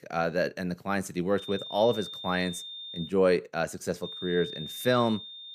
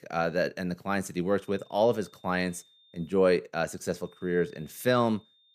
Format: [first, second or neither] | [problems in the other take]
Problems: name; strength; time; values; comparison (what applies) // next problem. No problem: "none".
second | high-pitched whine; loud; from 1.5 to 3 s and from 4 s on; 3.5 kHz, 10 dB below the speech; faint in the second